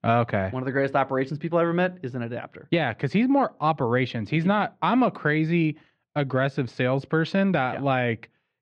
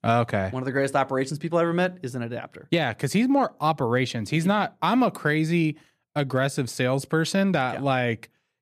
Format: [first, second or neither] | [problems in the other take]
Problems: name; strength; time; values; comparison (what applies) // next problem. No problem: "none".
second | muffled; slightly; fading above 3.5 kHz